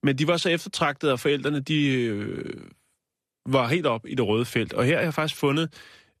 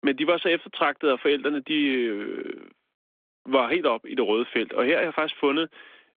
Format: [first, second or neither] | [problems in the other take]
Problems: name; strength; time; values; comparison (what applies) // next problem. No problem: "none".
first | phone-call audio; nothing above 3.5 kHz